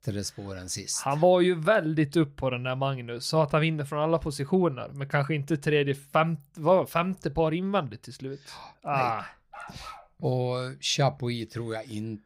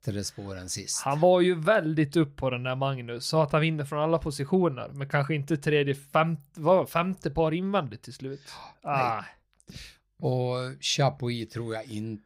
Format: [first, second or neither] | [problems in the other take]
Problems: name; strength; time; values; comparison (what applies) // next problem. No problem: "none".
second | dog barking; faint; at 9 s; peak 15 dB below the speech